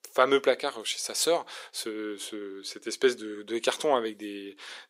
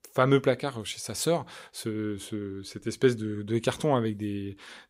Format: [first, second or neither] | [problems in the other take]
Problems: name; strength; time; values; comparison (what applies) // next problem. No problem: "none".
second | thin; somewhat; fading below 350 Hz